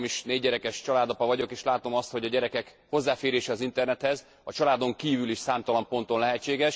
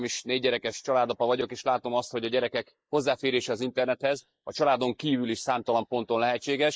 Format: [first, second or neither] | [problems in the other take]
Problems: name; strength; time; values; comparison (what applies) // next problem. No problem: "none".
first | noise reduction (neural mask model Resemble Enhance denoiser)